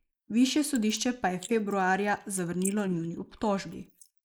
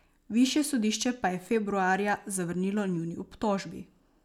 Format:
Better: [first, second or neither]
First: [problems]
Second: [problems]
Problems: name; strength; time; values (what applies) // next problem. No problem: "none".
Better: second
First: noise reduction (neural mask model Resemble Enhance denoiser)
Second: none